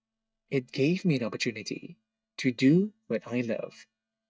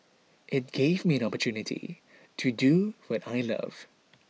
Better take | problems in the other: second | noise reduction (neural mask model DeepFilterNet 3)

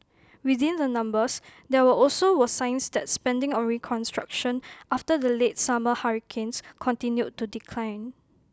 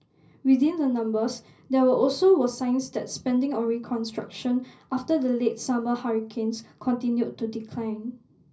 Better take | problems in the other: first | room echo; dies away in 0.5 s

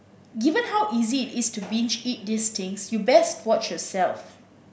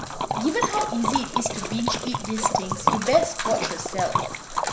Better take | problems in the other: first | background sound (Liquid); as loud as the speech

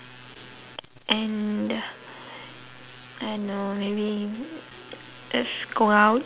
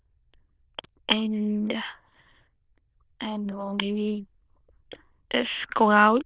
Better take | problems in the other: first | noise reduction (neural diffusion model UNIVERSE++)

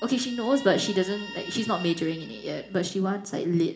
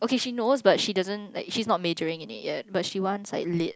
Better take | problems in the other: second | background sound (Guitar); 16 dB below the speech // room echo; dies away in 0.4 s

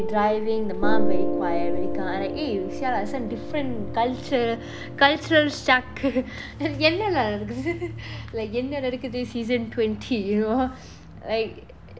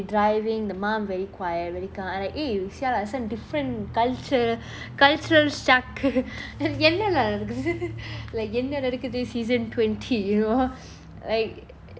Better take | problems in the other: second | background sound (Piano); 2 dB below the speech

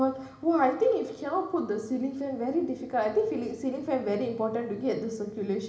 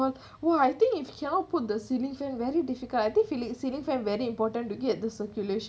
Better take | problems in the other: second | room echo; dies away in 1 s

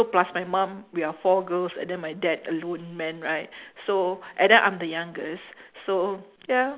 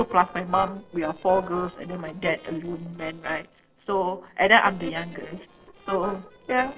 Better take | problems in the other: first | noise reduction (neural separator model SepFormer DNS4)

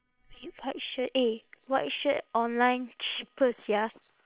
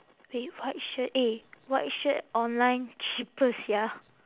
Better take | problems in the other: second | noise reduction (neural separator model SepFormer WHAM!)

